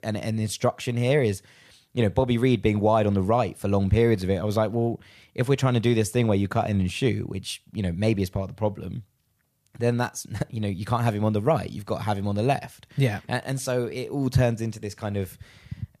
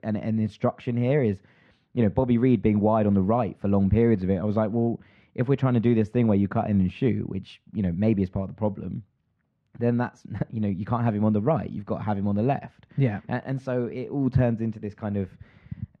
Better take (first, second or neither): first